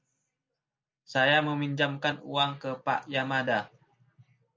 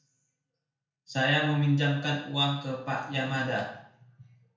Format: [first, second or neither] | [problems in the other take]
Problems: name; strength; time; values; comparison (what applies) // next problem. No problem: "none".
first | room echo; dies away in 0.5 s